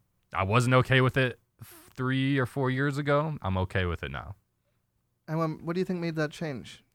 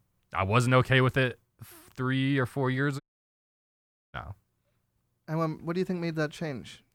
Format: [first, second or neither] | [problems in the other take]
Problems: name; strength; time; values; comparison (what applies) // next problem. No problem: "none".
first | audio cutting out; at 3 s for 1 s